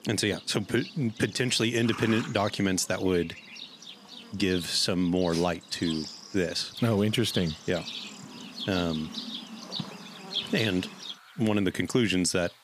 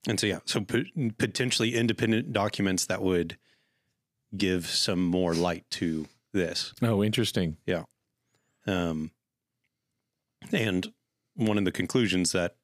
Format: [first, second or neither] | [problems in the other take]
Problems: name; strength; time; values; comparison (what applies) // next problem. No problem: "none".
second | animal sounds; noticeable; throughout; 10 dB below the speech